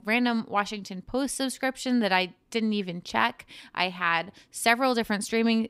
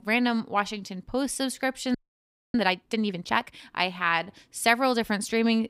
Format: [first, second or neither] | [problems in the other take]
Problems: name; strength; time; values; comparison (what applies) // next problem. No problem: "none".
first | audio freezing; at 2 s for 0.5 s